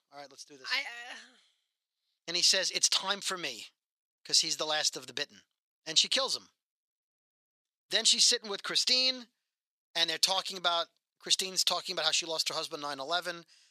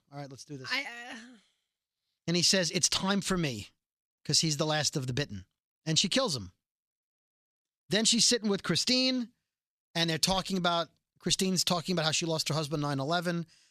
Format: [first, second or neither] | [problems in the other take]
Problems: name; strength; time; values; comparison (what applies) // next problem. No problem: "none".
second | thin; very; fading below 550 Hz